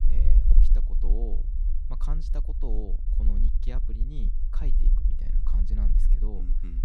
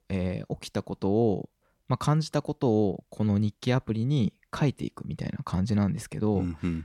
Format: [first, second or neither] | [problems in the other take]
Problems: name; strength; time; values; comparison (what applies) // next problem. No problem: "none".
second | low rumble; loud; throughout; 4 dB below the speech